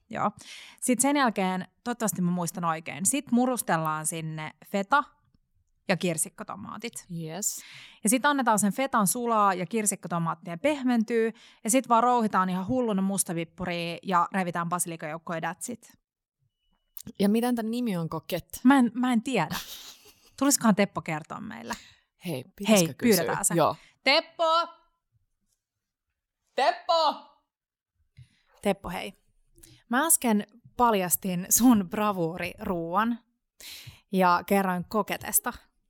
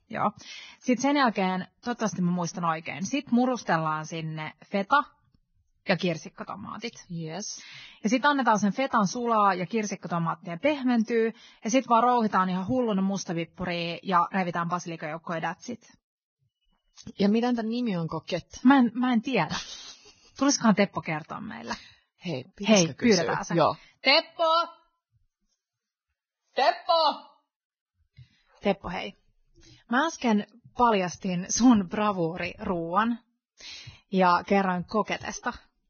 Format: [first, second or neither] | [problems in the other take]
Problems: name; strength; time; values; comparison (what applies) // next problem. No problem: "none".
first | garbled, watery; badly; nothing above 6.5 kHz